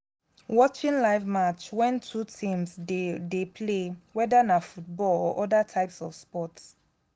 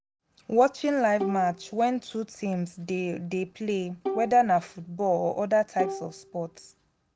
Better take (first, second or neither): first